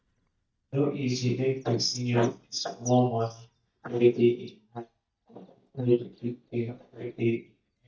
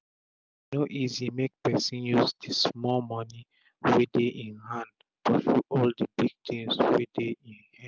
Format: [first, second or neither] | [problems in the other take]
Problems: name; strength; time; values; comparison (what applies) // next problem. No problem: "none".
second | noise reduction (neural mask model DeepFilterNet 3)